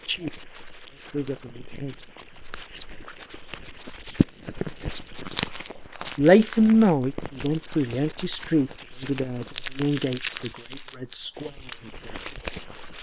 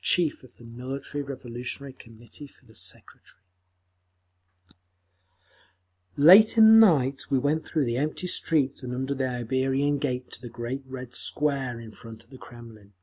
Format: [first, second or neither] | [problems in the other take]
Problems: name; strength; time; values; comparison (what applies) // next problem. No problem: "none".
second | noise reduction (neural separator model SepFormer WHAM!)